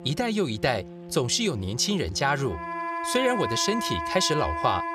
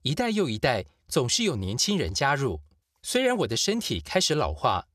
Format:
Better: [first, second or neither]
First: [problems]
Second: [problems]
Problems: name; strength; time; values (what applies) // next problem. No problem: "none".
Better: second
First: background music; loud; throughout; 7 dB below the speech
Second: none